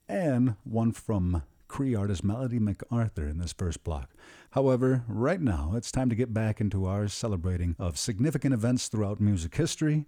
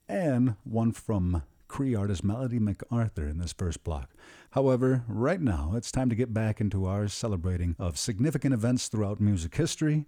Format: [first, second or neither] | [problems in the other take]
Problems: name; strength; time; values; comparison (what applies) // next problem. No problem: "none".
neither | none